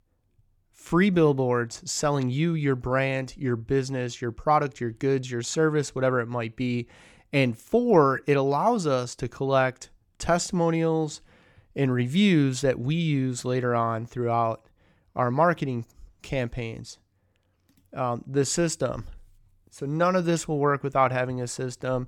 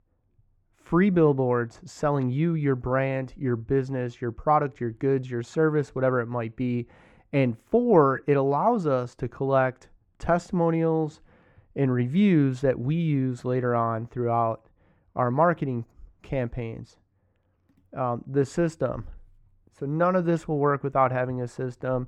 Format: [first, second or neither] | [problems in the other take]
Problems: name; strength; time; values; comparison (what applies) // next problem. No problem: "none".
first | muffled; very; fading above 2.5 kHz